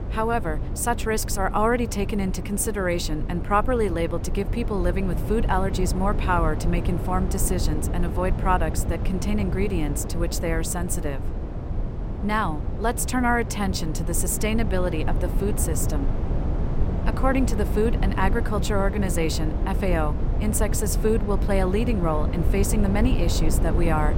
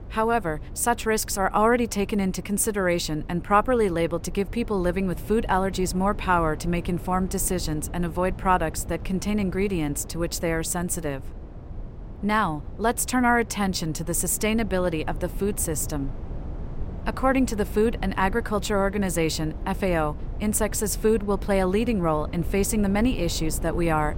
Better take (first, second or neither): second